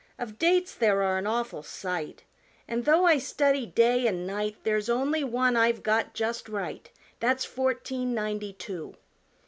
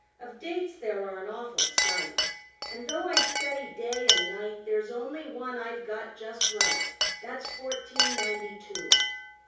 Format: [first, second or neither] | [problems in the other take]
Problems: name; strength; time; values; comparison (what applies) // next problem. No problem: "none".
first | background sound (Chink, clink); 5 dB above the speech // room echo; dies away in 0.6 s